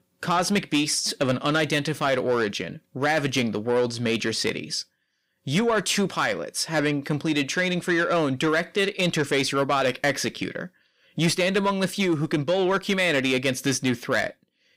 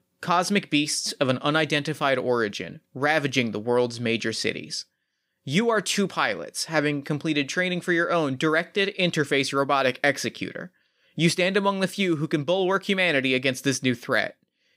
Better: second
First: distortion; slight; 10 dB below the speech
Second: none

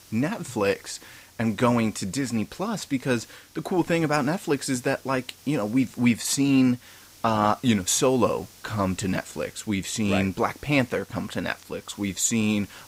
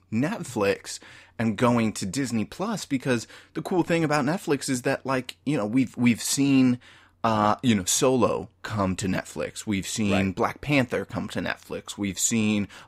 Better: second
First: hiss; faint; throughout; 25 dB below the speech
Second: none

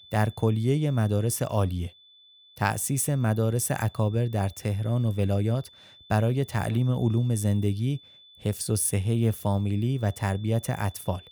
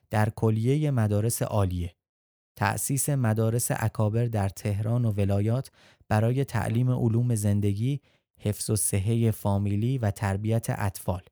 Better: second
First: high-pitched whine; faint; throughout; 3.5 kHz, 25 dB below the speech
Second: none

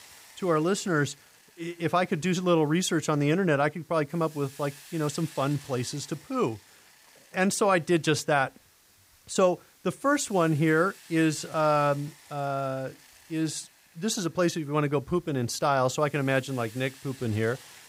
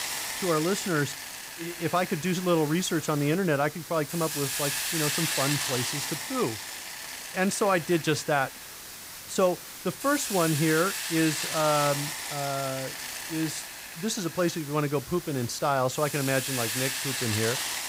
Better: first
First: hiss; faint; throughout; 25 dB below the speech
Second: hiss; loud; throughout; 4 dB below the speech

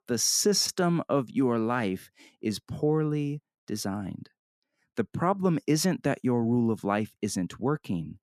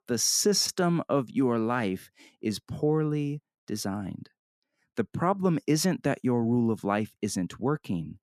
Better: neither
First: none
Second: none

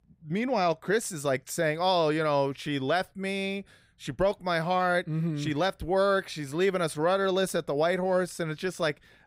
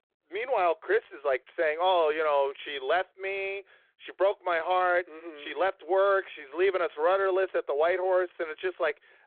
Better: first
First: none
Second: phone-call audio; nothing above 3.5 kHz

